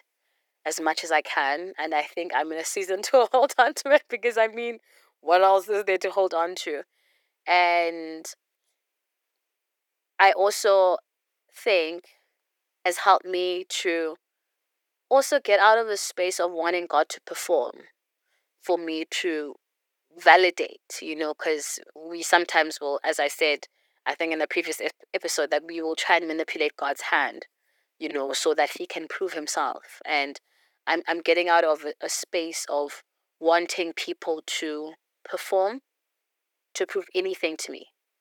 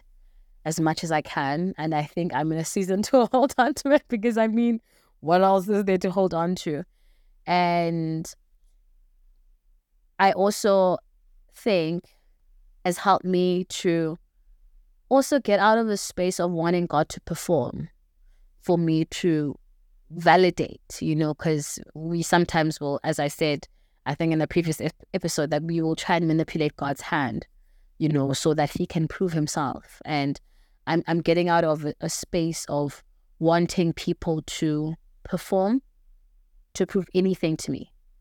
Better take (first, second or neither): second